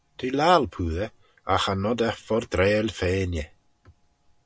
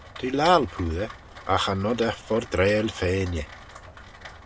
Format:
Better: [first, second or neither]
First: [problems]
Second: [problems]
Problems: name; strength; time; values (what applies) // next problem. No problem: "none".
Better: first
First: none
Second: background sound (Rain); 17 dB below the speech